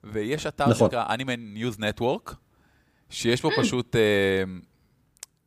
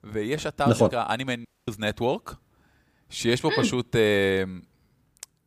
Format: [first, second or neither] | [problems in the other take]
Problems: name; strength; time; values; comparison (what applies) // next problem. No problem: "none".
first | audio cutting out; at 1.5 s